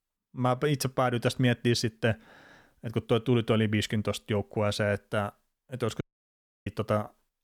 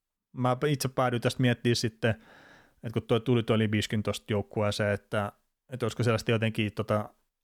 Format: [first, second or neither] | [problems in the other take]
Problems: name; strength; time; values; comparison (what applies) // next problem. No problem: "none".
second | audio cutting out; at 6 s for 0.5 s